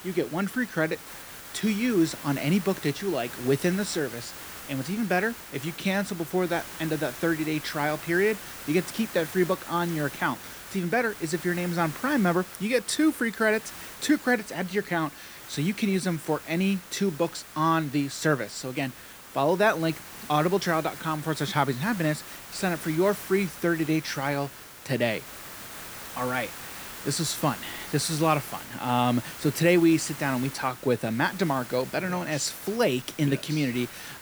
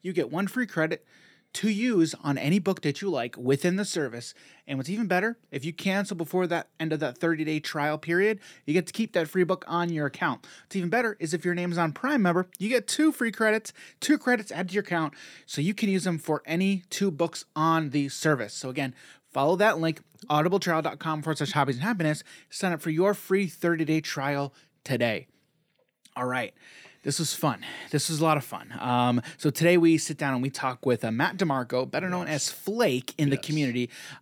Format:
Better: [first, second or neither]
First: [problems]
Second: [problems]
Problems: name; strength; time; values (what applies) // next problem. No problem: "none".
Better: second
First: hiss; noticeable; throughout; 15 dB below the speech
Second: none